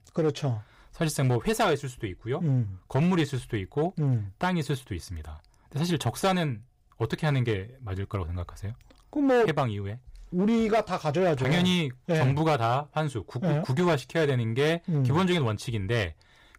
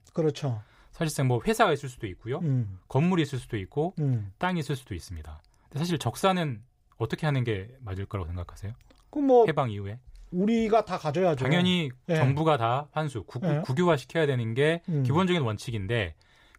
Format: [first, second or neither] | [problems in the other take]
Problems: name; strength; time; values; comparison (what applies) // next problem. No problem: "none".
second | distortion; slight; 6% of the sound clipped